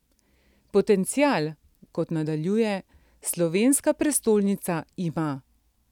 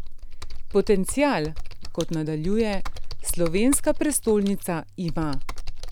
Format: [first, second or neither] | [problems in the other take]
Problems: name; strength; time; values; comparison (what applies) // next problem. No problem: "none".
first | background sound (Computer keyboard); 1 dB below the speech